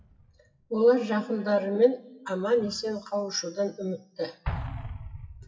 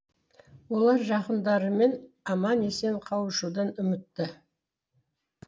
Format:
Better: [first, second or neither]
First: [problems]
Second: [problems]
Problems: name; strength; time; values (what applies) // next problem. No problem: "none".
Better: second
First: noise reduction (classical method WPE with log-MMSE)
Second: none